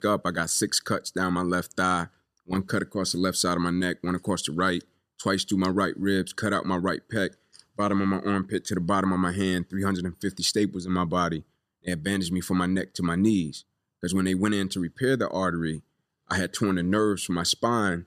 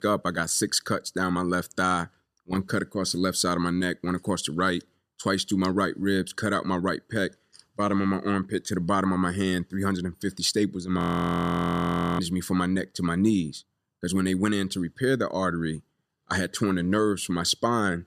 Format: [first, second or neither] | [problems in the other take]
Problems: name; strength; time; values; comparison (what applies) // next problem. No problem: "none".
first | audio freezing; at 11 s for 1 s